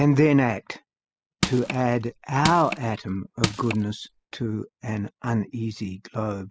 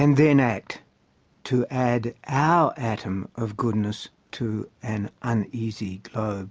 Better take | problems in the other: second | noise reduction (classical method spectral subtraction)

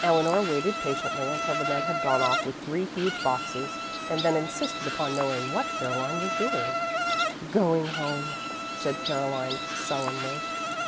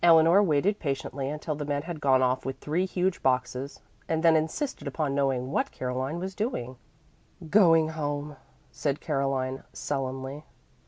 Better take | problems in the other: second | background sound (Insect); 2 dB below the speech

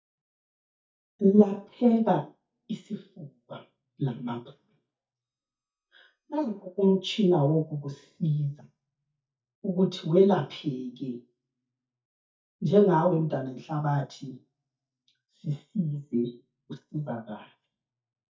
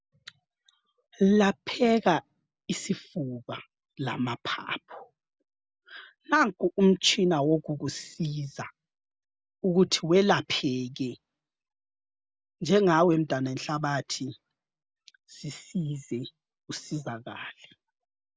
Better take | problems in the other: second | noise reduction (neural mask model DeepFilterNet 3)

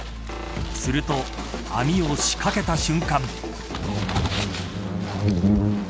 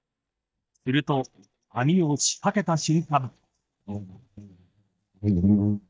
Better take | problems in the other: first | noise reduction (neural mask model DeepFilterNet 3)

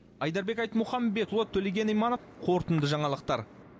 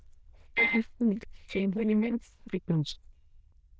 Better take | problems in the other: first | noise reduction (neural diffusion model UNIVERSE++)

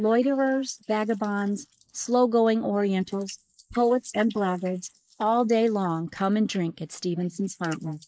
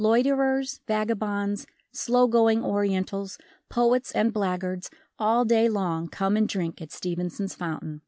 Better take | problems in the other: second | noise reduction (neural mask model Resemble Enhance denoiser)

